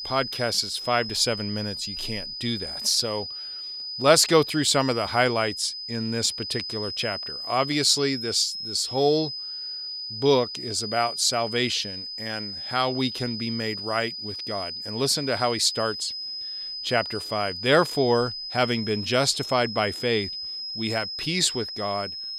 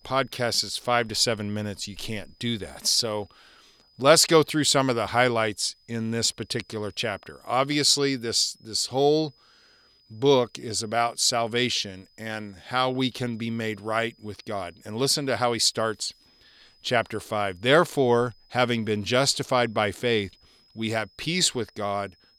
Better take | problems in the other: second | high-pitched whine; loud; throughout; 5 kHz, 7 dB below the speech; faint in the second

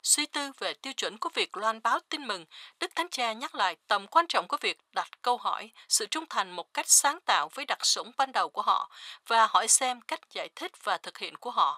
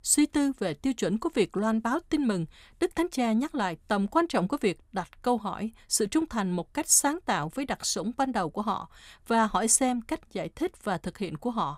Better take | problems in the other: second | thin; very; fading below 700 Hz

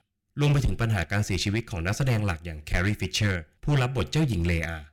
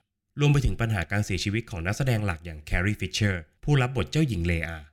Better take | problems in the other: second | distortion; slight; 8% of the sound clipped

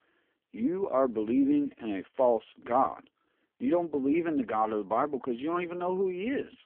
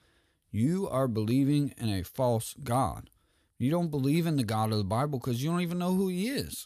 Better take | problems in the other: second | phone-call audio; poor line

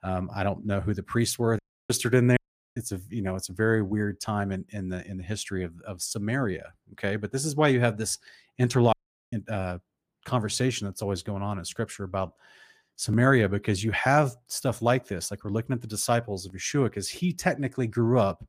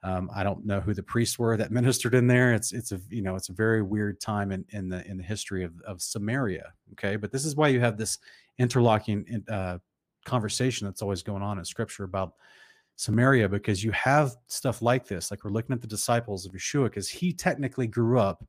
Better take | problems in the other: second | audio cutting out; at 1.5 s, at 2.5 s and at 9 s

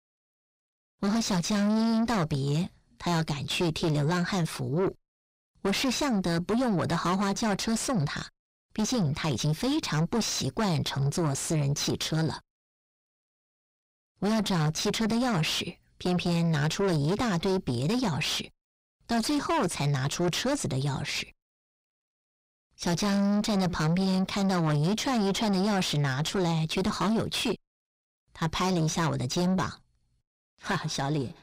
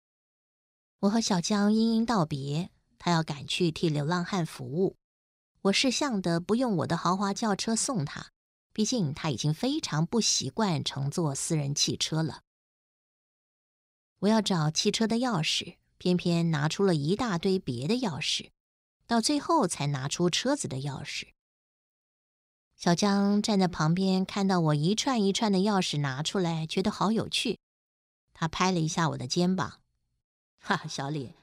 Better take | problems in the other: second | distortion; heavy; 5 dB below the speech

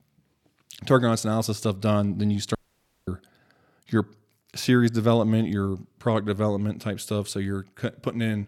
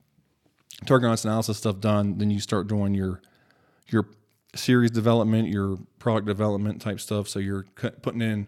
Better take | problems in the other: second | audio cutting out; at 2.5 s for 0.5 s

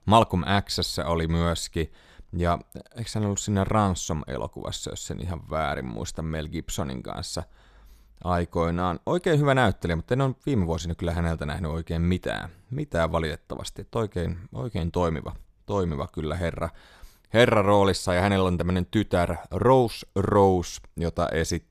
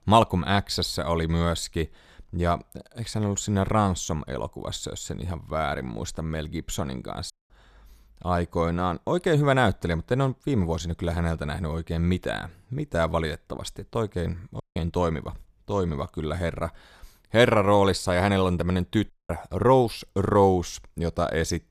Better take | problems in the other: first | audio cutting out; at 7.5 s, at 15 s and at 19 s

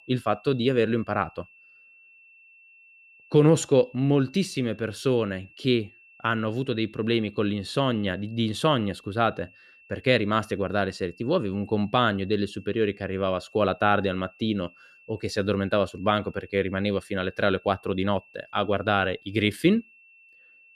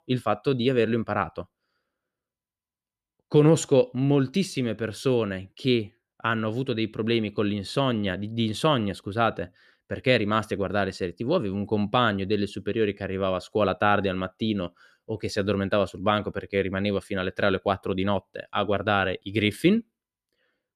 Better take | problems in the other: second | high-pitched whine; faint; throughout; 2.5 kHz, 25 dB below the speech

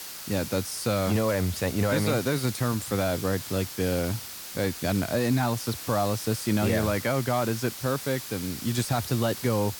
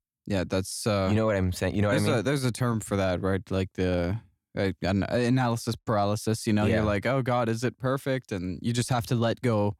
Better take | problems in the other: second | hiss; loud; throughout; 9 dB below the speech

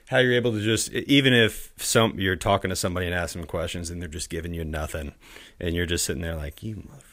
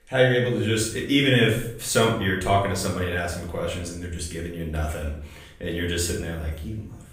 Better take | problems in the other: first | off-mic speech; far // room echo; noticeable; dies away in 0.6 s

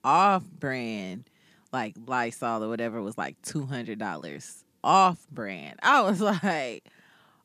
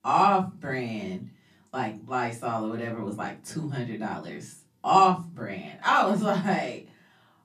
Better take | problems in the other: first | off-mic speech; far // room echo; very slight; dies away in 0.3 s

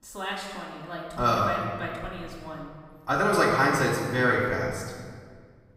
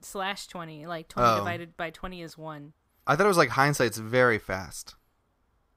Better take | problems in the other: second | off-mic speech; far // room echo; noticeable; dies away in 1.6 s

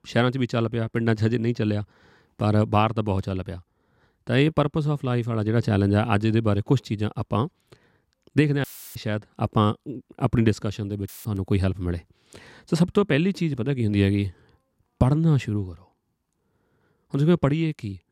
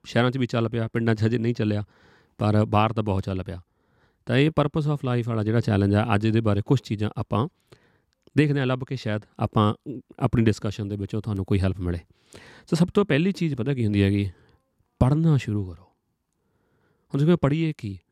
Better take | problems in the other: second | audio cutting out; filled with static; at 8.5 s and at 11 s

